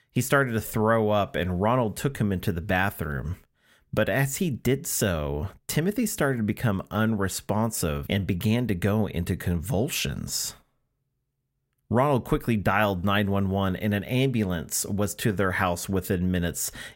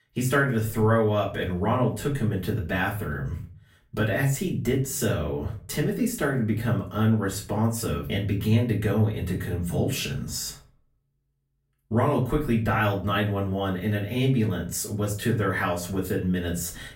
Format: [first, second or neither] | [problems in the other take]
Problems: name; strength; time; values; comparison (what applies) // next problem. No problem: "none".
first | off-mic speech; far // room echo; slight; dies away in 0.3 s